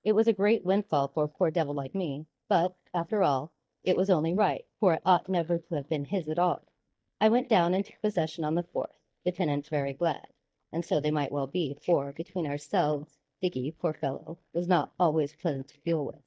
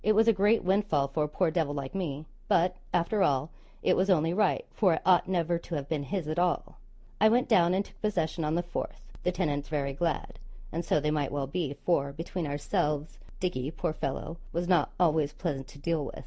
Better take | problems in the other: second | noise reduction (neural mask model DeepFilterNet 3)

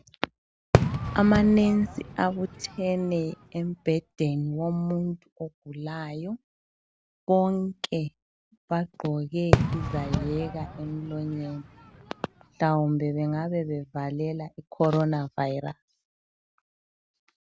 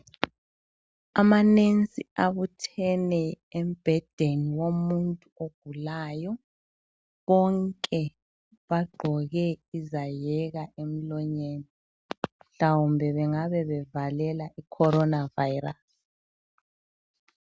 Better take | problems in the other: second | background sound (Fireworks); 2 dB below the speech

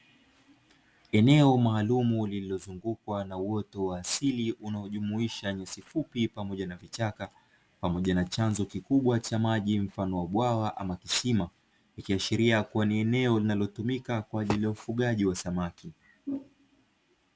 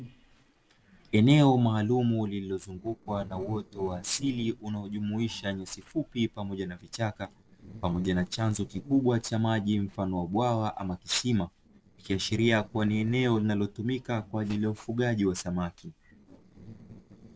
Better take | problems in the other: first | noise reduction (neural separator model SepFormer DNS4)

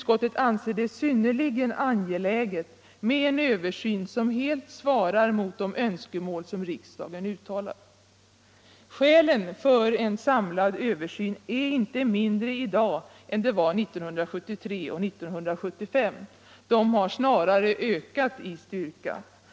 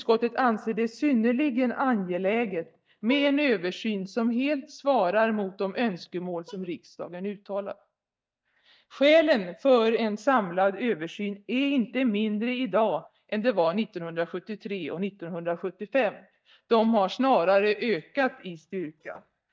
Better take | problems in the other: first | noise reduction (neural mask model DeepFilterNet 3)

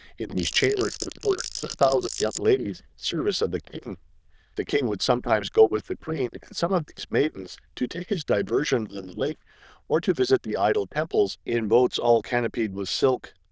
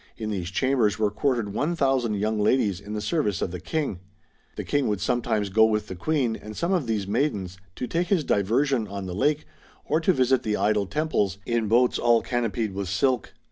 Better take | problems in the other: second | noise reduction (neural diffusion model UNIVERSE++)

